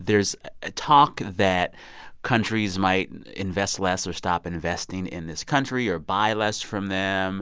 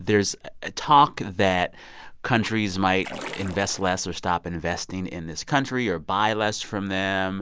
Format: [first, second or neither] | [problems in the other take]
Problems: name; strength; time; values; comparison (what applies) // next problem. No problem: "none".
first | background sound (Splash, splatter); 14 dB below the speech